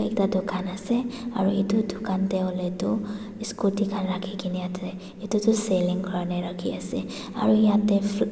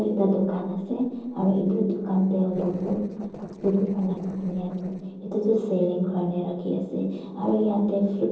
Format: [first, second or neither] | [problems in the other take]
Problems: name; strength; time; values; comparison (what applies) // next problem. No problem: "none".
first | noise reduction (neural separator model SepFormer DNS4)